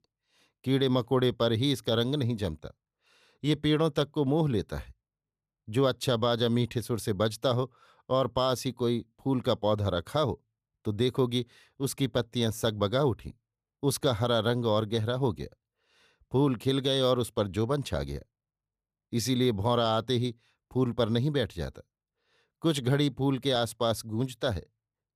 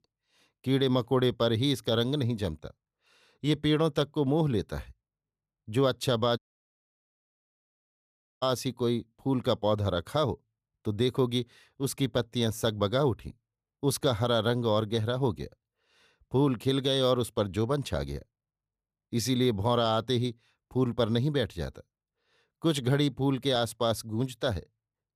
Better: first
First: none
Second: audio cutting out; at 6.5 s for 2 s

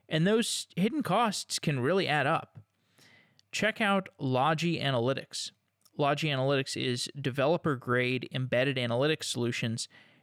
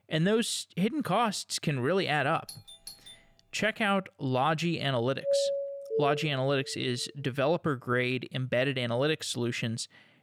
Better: first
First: none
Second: doorbell; faint; at 2.5 s; peak 15 dB below the speech // doorbell; loud; from 5 to 6.5 s; peak 1 dB above the speech

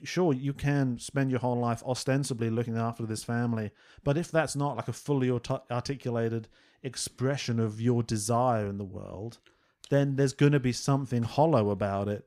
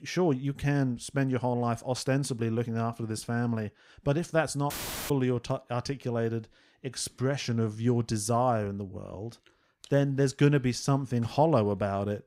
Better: first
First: none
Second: audio cutting out; filled with static; at 4.5 s

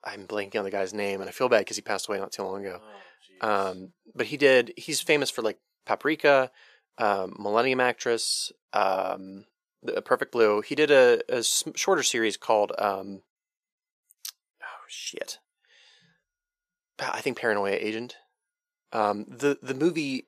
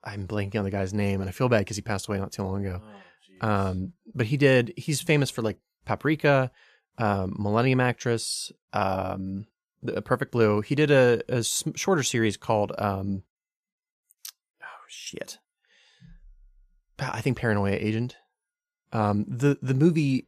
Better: second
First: thin; somewhat; fading below 450 Hz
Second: none

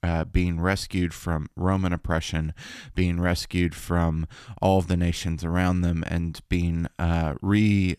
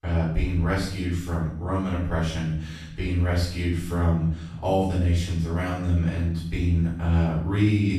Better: first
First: none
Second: off-mic speech; far // room echo; noticeable; dies away in 0.7 s

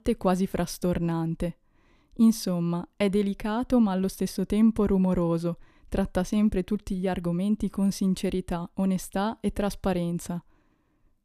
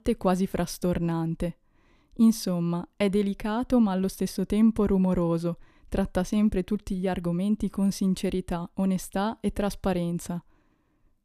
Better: neither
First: none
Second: none

